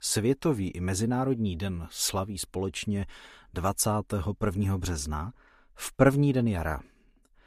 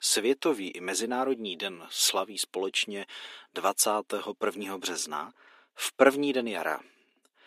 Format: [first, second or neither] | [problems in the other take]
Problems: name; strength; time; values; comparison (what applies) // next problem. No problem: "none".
first | thin; somewhat; fading below 300 Hz